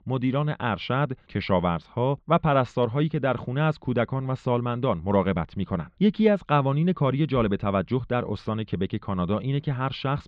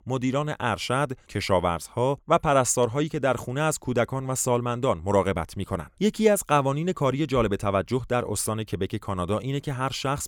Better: second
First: muffled; very; fading above 4 kHz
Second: none

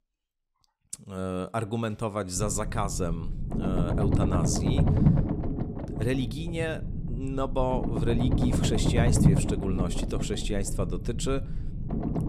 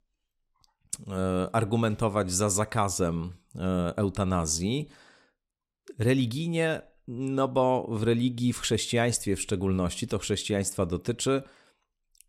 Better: second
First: low rumble; loud; from 2.5 s on; 3 dB below the speech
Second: none

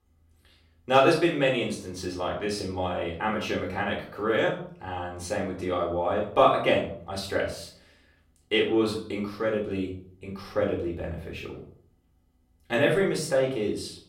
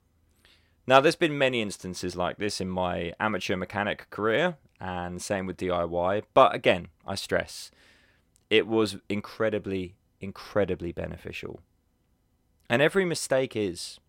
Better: second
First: off-mic speech; far // room echo; slight; dies away in 0.5 s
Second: none

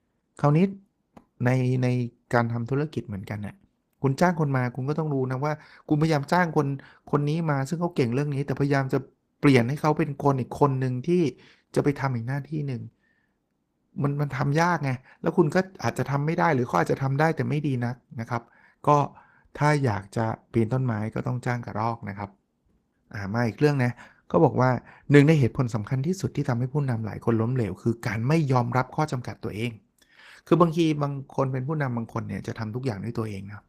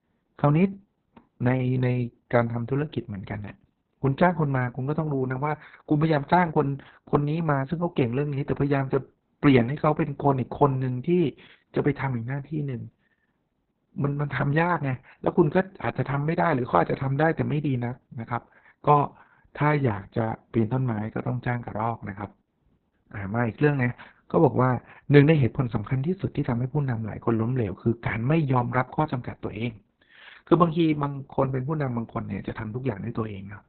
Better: first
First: garbled, watery; slightly; nothing above 14.5 kHz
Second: garbled, watery; badly; nothing above 4 kHz

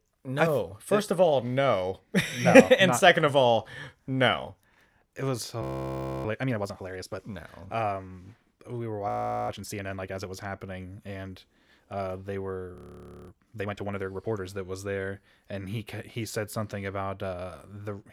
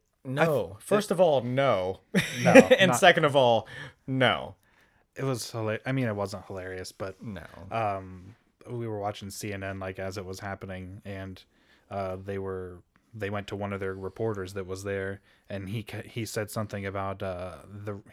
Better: second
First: audio freezing; at 5.5 s for 0.5 s, at 9 s and at 13 s for 0.5 s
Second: none

